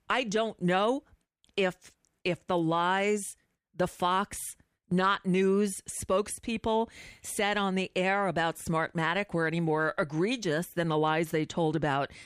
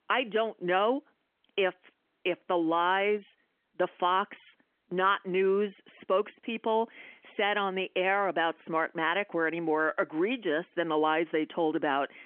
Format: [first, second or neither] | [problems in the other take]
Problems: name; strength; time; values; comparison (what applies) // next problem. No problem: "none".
first | phone-call audio; nothing above 3.5 kHz